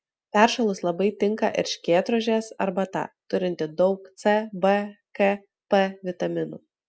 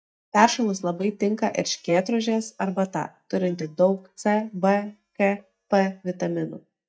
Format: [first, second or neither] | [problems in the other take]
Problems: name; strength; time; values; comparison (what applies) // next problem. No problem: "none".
first | noise reduction (neural mask model DeepFilterNet 3)